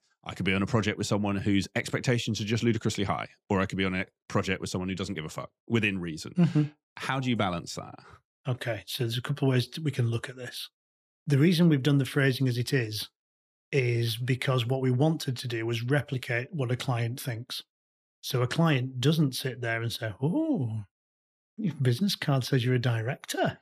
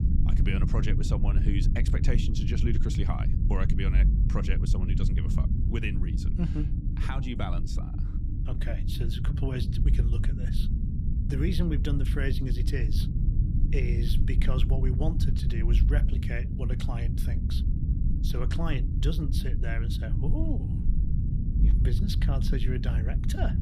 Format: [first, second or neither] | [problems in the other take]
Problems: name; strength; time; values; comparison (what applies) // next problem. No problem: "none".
first | low rumble; loud; throughout; 4 dB below the speech